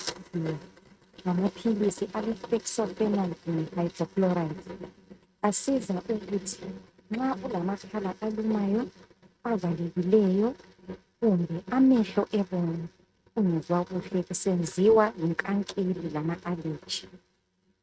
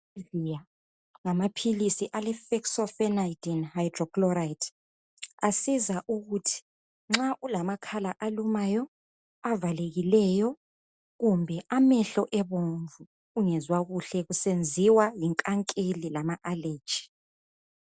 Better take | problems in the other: second | noise reduction (neural mask model RNNoise)

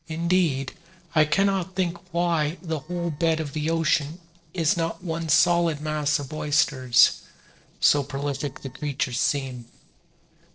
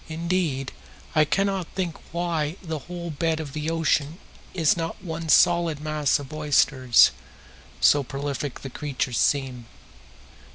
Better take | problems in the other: second | noise reduction (neural separator model SepFormer DNS4)

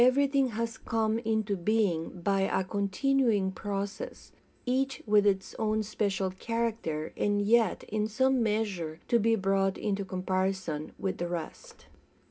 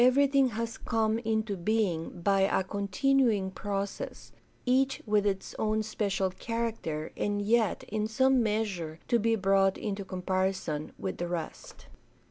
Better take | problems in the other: second | room echo; dies away in 0.3 s

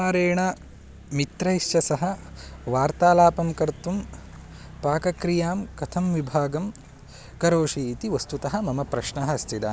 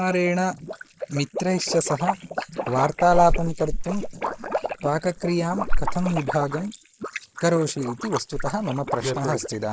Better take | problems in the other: first | noise reduction (neural mask model Resemble Enhance denoiser)

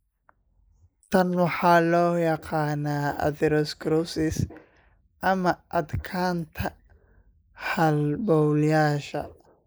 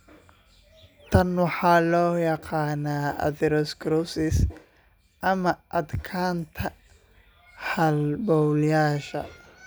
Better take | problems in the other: second | noise reduction (neural mask model Resemble Enhance denoiser)

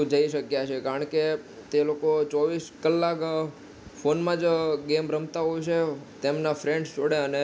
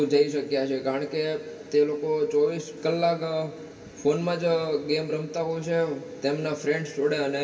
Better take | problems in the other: first | room echo; dies away in 2.6 s

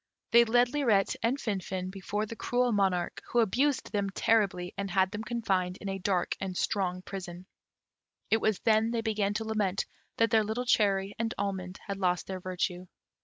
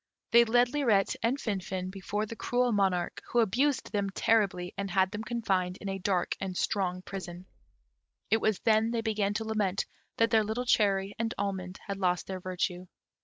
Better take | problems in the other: first | noise reduction (neural separator model SepFormer DNS4)

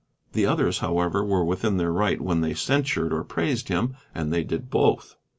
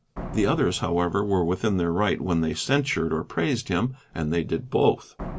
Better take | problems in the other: first | background sound (Slam); 17 dB below the speech

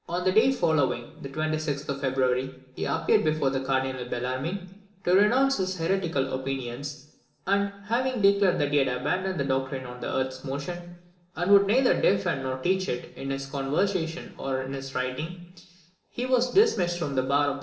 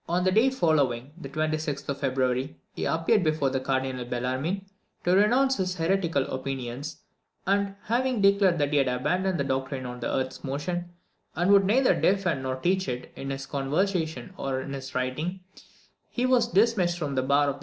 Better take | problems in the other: second | room echo; dies away in 0.7 s

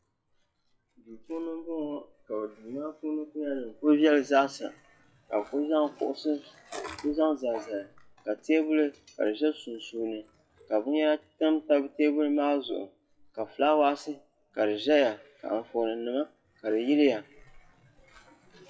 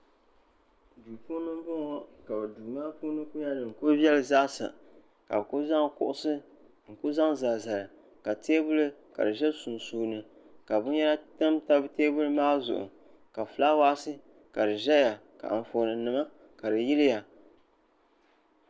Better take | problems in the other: second | noise reduction (classical method WPE with log-MMSE)

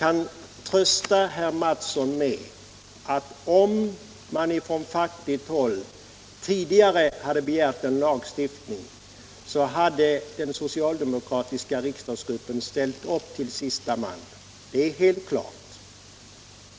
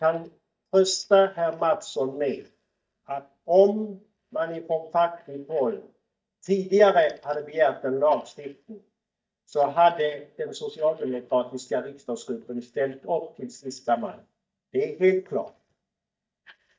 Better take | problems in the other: first | noise reduction (neural mask model DeepFilterNet 3)

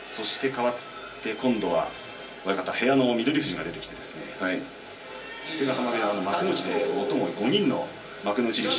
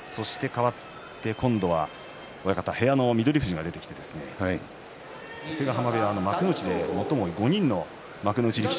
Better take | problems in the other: second | room echo; dies away in 0.3 s

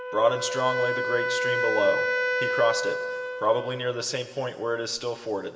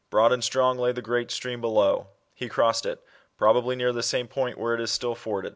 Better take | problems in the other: second | background sound (Wind instrument, woodwind instrument); 2 dB below the speech // room echo; dies away in 1.9 s

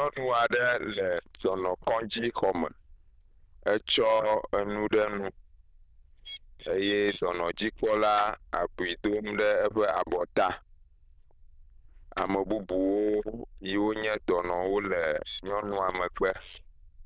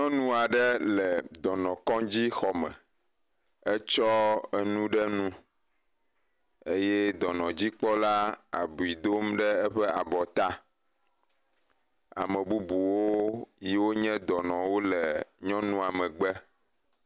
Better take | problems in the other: second | noise reduction (neural diffusion model UNIVERSE++)

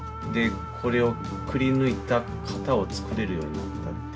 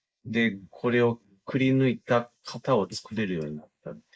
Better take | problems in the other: first | noise reduction (neural mask model Resemble Enhance denoiser)

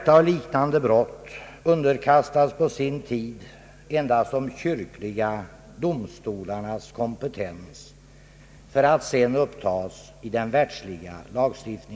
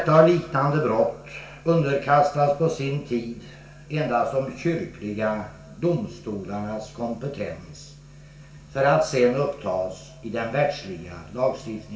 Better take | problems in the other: first | room echo; dies away in 0.3 s

